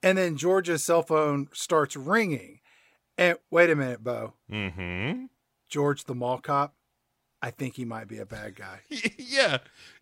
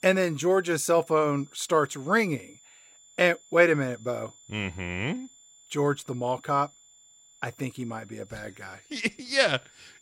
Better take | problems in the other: first | high-pitched whine; faint; throughout; 7 kHz, 25 dB below the speech

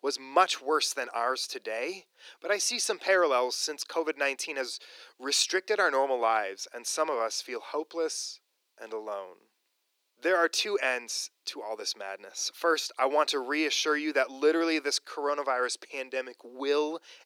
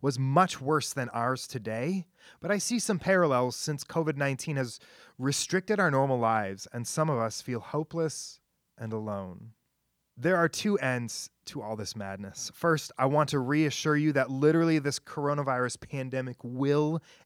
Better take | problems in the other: second | thin; very; fading below 350 Hz

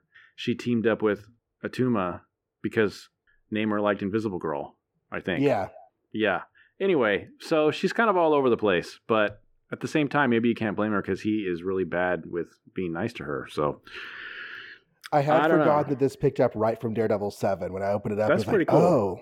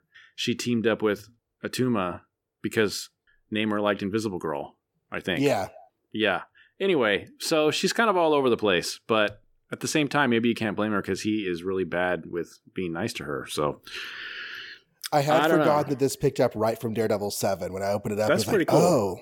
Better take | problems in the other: second | muffled; slightly; fading above 3.5 kHz

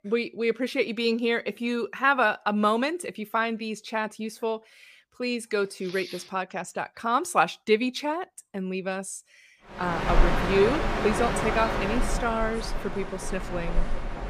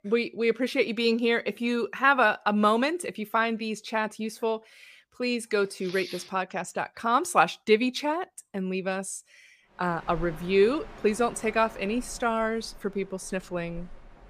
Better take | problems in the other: second | train or aircraft noise; loud; from 10 s on; 2 dB below the speech; faint in the second

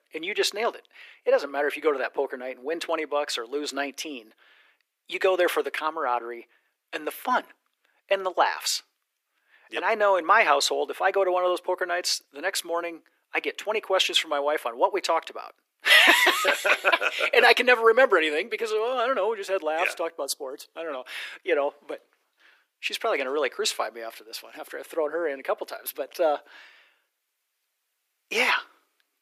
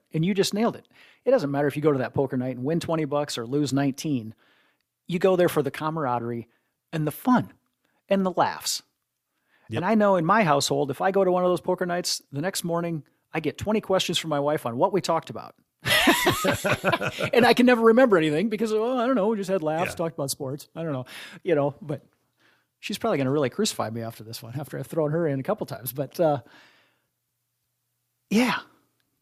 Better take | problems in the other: second | thin; very; fading below 350 Hz

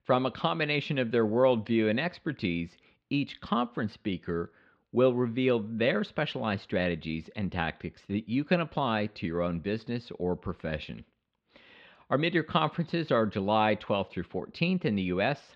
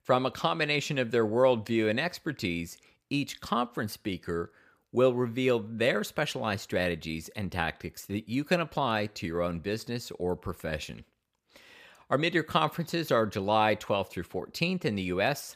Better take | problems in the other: second | muffled; very slightly; fading above 3.5 kHz

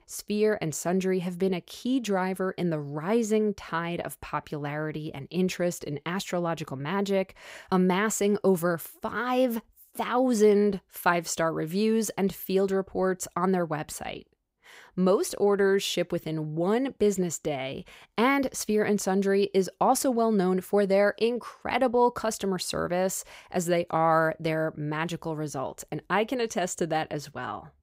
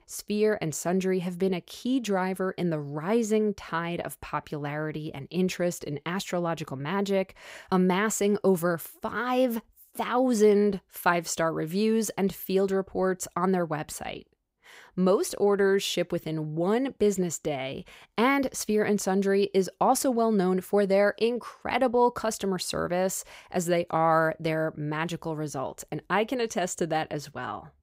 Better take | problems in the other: neither | none

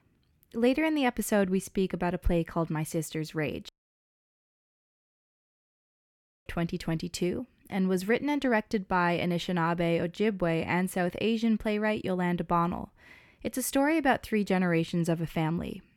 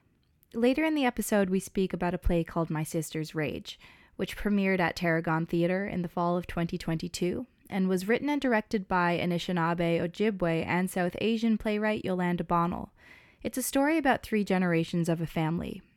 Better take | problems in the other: second | audio cutting out; at 3.5 s for 3 s

